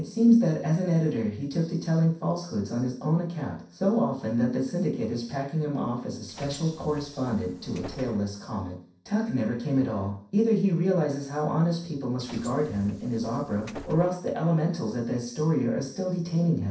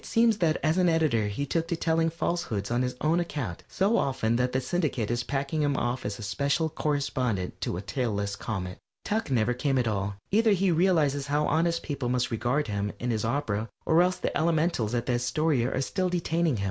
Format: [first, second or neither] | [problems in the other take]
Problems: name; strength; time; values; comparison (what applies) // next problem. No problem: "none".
second | noise reduction (neural separator model SepFormer DNS4)